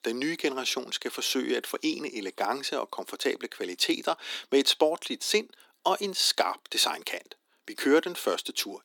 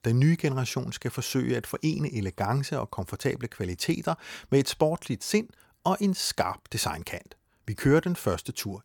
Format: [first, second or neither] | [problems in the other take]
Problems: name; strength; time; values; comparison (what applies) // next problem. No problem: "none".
second | thin; somewhat; fading below 250 Hz